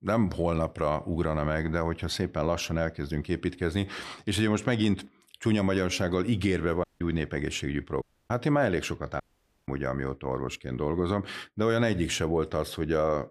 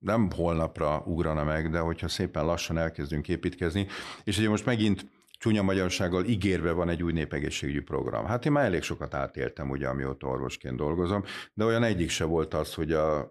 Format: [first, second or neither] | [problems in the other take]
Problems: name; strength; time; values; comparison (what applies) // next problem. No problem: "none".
second | audio cutting out; at 7 s, at 8 s and at 9 s